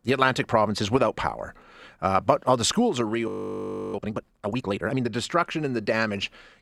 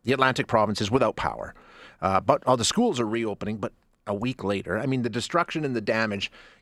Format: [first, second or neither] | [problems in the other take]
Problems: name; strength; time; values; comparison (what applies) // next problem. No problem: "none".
second | audio freezing; at 3.5 s for 0.5 s